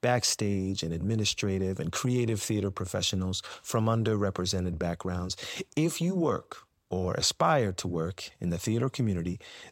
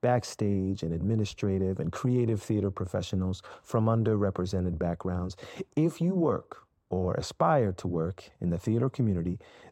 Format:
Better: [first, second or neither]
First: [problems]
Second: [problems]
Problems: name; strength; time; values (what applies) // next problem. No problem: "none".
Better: first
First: none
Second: muffled; slightly; fading above 2 kHz